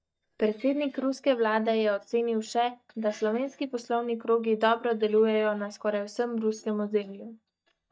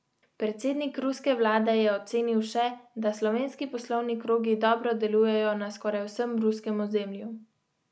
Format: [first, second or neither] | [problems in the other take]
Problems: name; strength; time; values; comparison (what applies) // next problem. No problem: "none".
second | noise reduction (neural mask model DeepFilterNet 3)